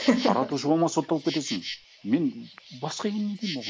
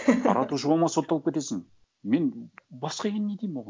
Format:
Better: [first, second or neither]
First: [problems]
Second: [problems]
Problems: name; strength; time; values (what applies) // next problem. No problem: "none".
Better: second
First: background sound (Insect); 13 dB below the speech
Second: none